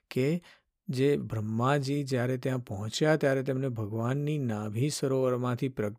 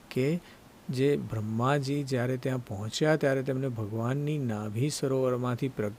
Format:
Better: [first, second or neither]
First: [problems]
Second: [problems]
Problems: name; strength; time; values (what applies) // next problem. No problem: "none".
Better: first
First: none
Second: hiss; faint; throughout; 25 dB below the speech